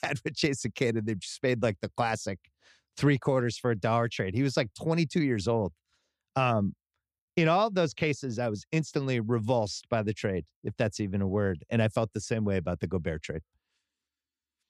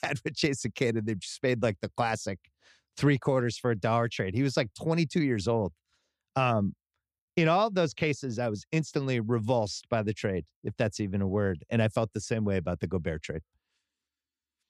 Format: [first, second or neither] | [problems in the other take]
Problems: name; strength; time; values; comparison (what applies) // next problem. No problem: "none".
neither | none